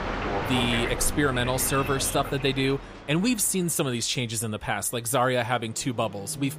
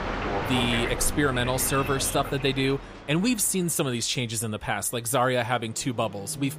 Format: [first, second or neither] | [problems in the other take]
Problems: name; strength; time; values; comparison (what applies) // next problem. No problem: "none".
neither | train or aircraft noise; loud; throughout; 7 dB below the speech; the same in both